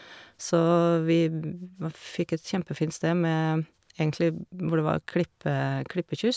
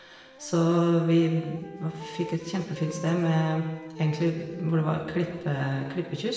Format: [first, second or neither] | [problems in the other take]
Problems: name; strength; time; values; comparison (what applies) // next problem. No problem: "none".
first | background sound (Wind instrument, woodwind instrument); 18 dB below the speech // room echo; dies away in 1.3 s